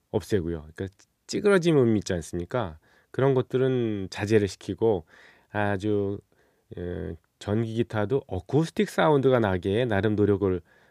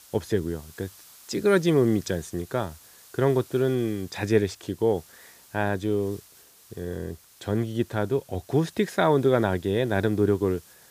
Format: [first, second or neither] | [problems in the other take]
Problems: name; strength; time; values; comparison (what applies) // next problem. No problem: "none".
first | hiss; faint; throughout; 25 dB below the speech